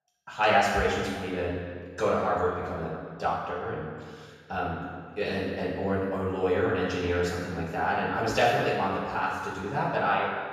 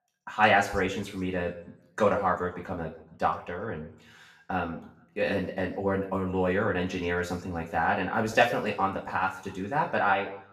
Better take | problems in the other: second | room echo; strong; dies away in 1.7 s; slight in the second // off-mic speech; far; far in the second

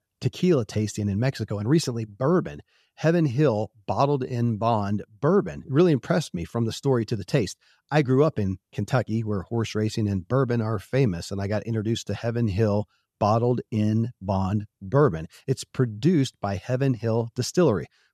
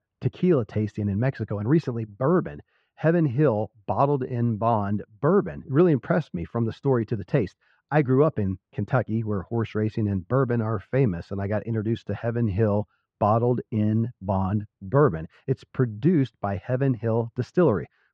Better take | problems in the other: first | muffled; very; fading above 1.5 kHz

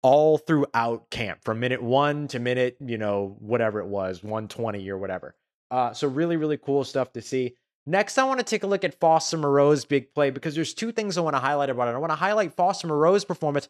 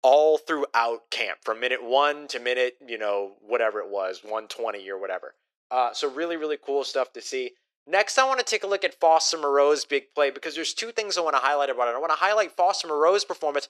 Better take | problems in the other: first | thin; very; fading below 400 Hz

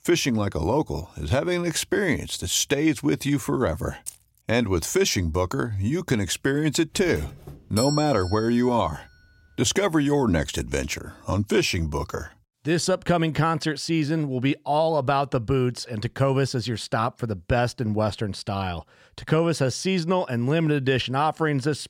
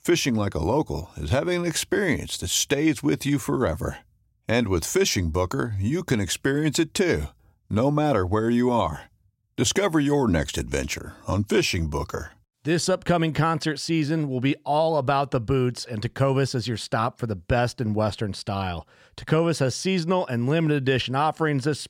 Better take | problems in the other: second | jangling keys; faint; at 4 s; peak 15 dB below the speech // doorbell; noticeable; from 7 to 9 s; peak 6 dB below the speech

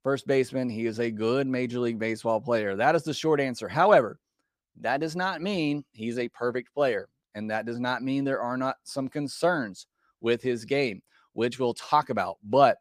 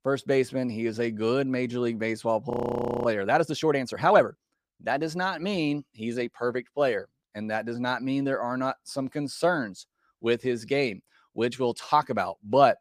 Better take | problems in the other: first | audio freezing; at 2.5 s for 0.5 s

